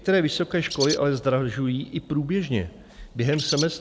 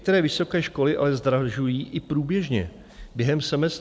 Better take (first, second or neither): second